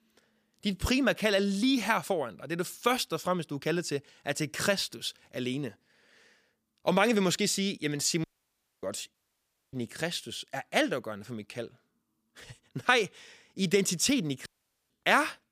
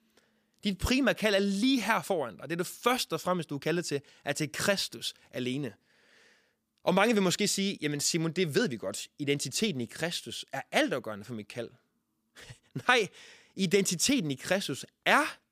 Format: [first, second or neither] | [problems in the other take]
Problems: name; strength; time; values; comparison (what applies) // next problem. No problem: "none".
second | audio cutting out; at 8 s for 0.5 s, at 9 s for 0.5 s and at 14 s